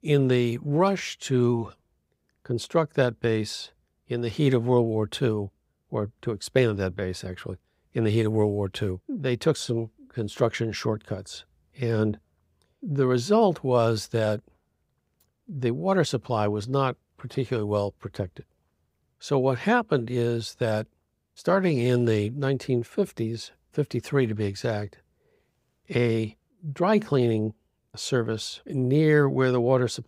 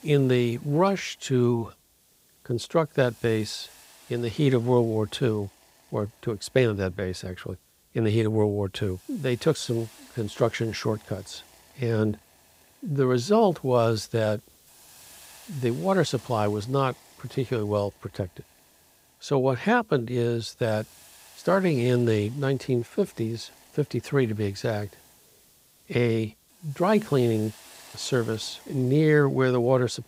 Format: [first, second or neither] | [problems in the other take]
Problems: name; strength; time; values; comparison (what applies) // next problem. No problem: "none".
first | hiss; faint; throughout; 25 dB below the speech